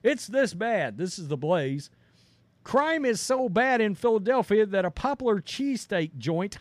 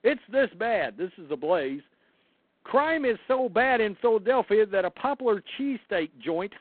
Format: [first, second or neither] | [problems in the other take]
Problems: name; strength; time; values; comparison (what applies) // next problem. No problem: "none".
first | phone-call audio; poor line; nothing above 4 kHz